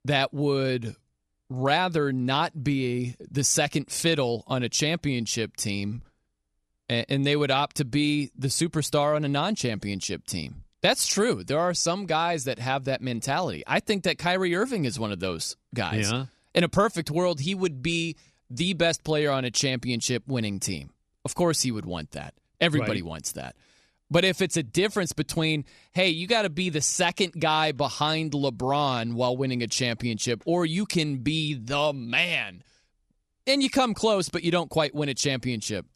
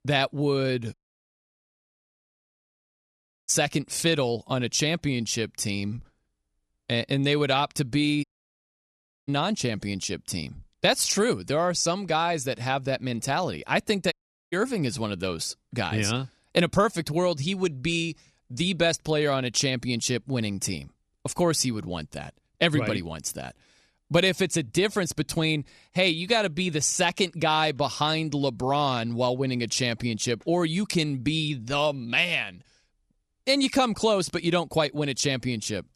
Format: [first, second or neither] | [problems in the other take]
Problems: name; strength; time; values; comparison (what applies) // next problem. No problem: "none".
first | audio cutting out; at 1 s for 2.5 s, at 8 s for 1 s and at 14 s